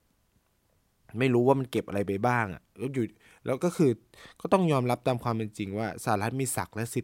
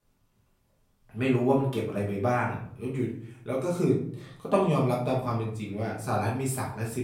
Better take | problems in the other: first | room echo; slight; dies away in 0.5 s // off-mic speech; far

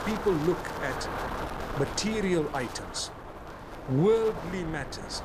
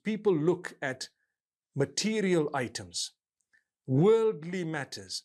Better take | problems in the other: second | wind noise on the microphone; heavy; 5 dB below the speech

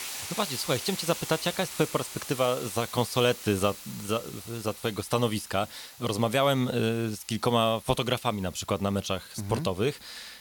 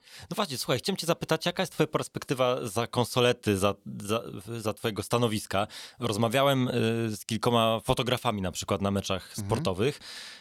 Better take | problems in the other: second | hiss; noticeable; throughout; 10 dB below the speech

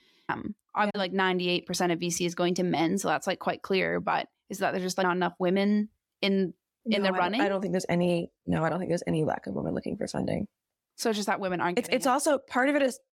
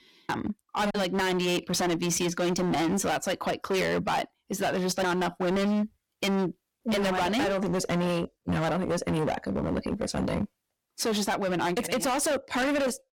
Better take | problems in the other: first | distortion; heavy; 24% of the sound clipped

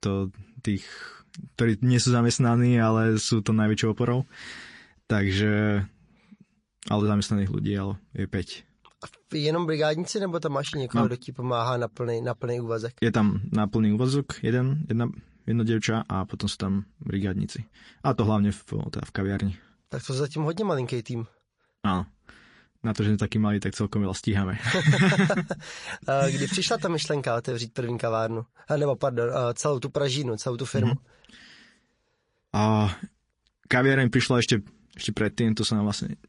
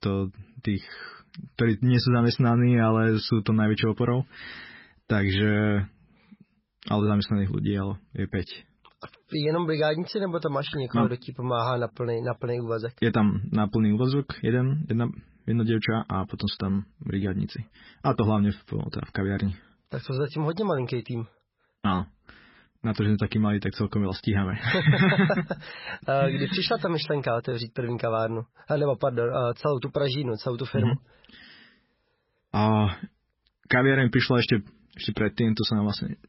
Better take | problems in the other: first | garbled, watery; badly; nothing above 5.5 kHz; slightly in the first

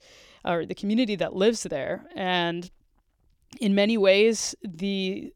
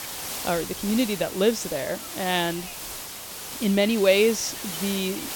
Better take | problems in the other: first | hiss; loud; throughout; 8 dB below the speech

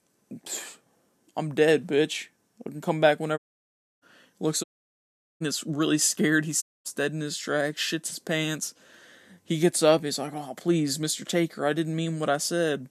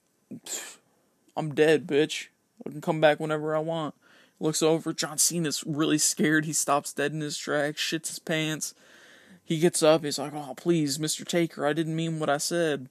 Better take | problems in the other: second | audio cutting out; at 3.5 s for 0.5 s, at 4.5 s for 1 s and at 6.5 s

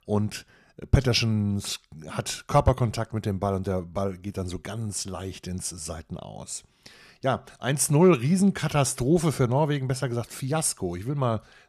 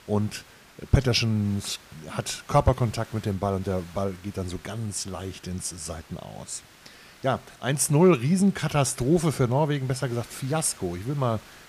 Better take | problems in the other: first | hiss; faint; throughout; 25 dB below the speech

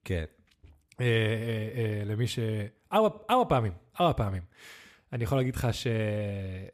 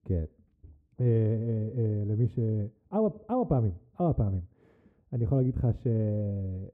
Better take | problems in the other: first | muffled; very; fading above 1 kHz

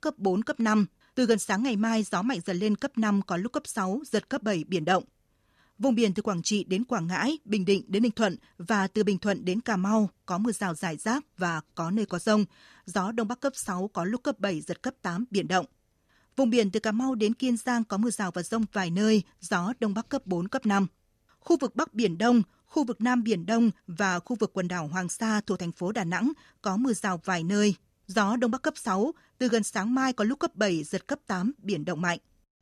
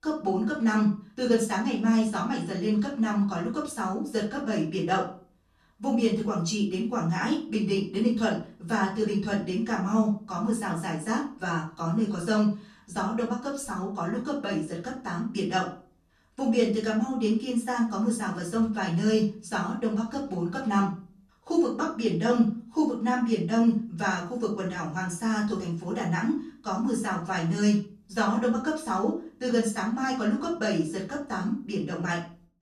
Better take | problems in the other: first | room echo; slight; dies away in 0.3 s // off-mic speech; far

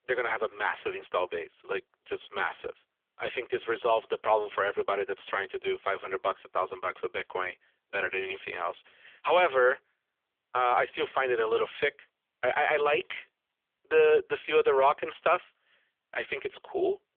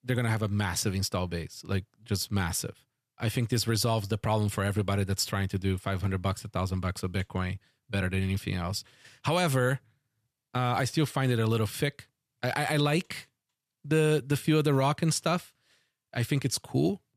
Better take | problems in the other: second | phone-call audio; poor line; nothing above 3.5 kHz

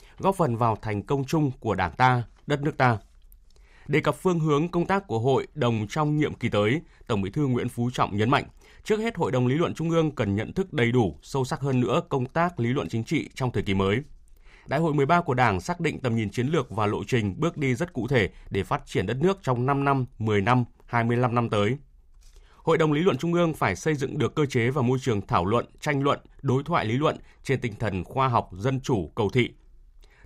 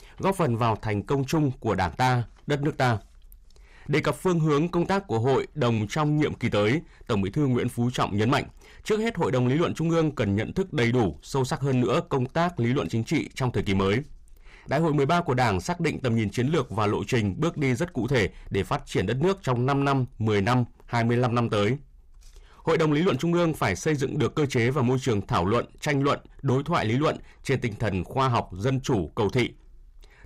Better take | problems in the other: first | distortion; slight; 10 dB below the speech

